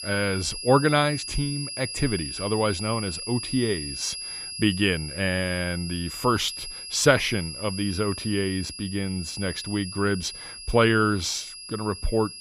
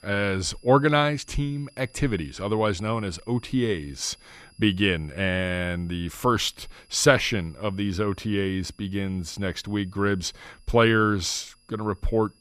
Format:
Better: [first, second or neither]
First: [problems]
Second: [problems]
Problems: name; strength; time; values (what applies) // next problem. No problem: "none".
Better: second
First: high-pitched whine; loud; throughout; 5 kHz, 8 dB below the speech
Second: high-pitched whine; faint; throughout; 5 kHz, 30 dB below the speech